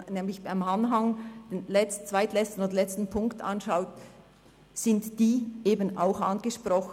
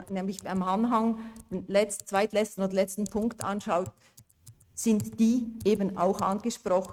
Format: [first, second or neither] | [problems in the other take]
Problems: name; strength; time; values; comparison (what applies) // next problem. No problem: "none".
first | noise reduction (neural mask model RNNoise)